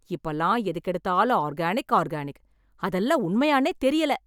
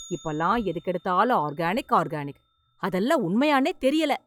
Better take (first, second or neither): first